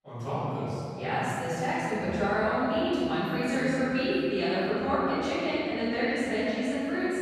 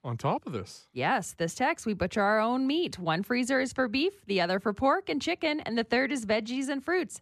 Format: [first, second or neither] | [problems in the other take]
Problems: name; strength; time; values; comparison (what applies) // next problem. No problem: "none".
second | room echo; strong; dies away in 3 s // off-mic speech; far